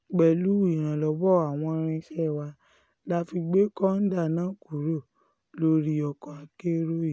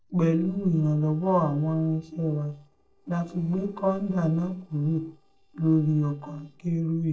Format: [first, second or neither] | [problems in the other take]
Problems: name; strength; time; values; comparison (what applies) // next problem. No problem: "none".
first | noise reduction (neural separator model SepFormer DNS4)